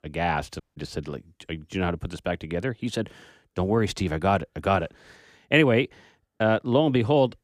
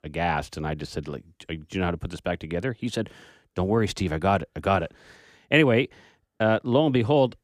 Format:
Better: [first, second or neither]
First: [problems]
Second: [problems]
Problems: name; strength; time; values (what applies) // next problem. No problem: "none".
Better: second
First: audio cutting out; at 0.5 s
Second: none